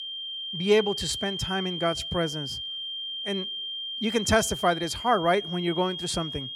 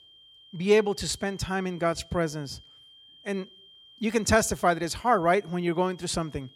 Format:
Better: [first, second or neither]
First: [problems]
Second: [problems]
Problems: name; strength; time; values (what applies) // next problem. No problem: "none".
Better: second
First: high-pitched whine; loud; throughout; 3 kHz, 5 dB below the speech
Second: high-pitched whine; faint; throughout; 3 kHz, 25 dB below the speech